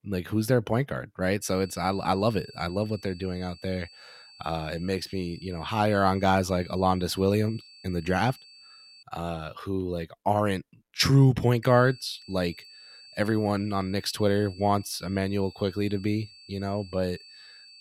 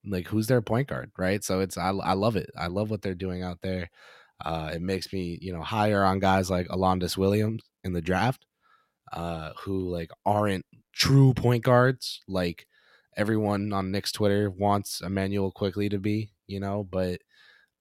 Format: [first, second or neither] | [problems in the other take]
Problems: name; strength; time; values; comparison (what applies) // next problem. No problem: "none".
second | high-pitched whine; faint; from 1.5 to 9 s and from 12 s on; 4.5 kHz, 20 dB below the speech